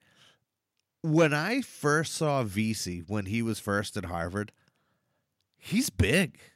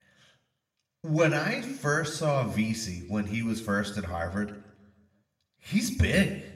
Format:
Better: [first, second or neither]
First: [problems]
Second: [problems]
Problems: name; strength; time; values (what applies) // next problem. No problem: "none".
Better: first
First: none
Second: room echo; slight; dies away in 0.6 s // off-mic speech; somewhat distant